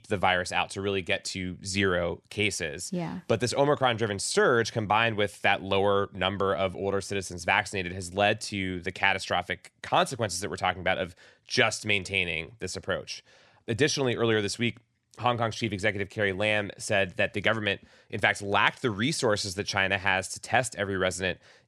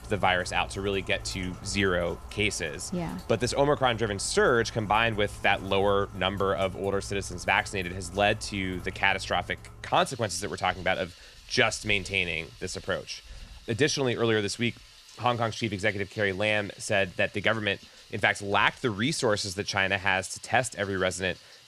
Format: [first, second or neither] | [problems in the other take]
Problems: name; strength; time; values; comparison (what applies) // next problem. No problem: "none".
first | rain or running water; noticeable; throughout; 20 dB below the speech